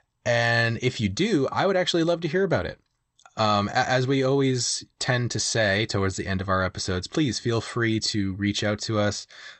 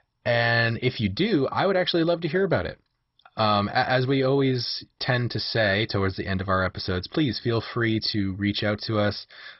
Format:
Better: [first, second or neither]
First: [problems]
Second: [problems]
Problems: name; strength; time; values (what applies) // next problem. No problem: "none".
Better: first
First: garbled, watery; slightly; nothing above 8.5 kHz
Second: garbled, watery; badly; nothing above 5.5 kHz